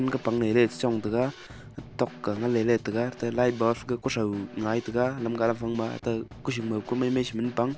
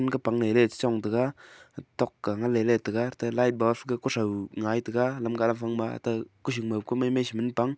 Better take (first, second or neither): second